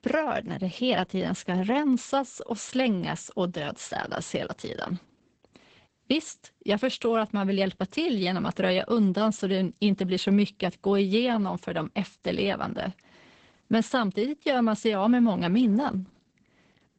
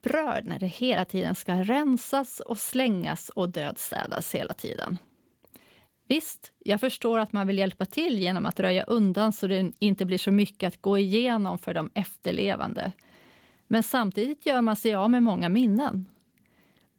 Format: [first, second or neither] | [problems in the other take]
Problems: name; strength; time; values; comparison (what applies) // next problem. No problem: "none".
second | garbled, watery; badly; nothing above 8 kHz; slightly in the second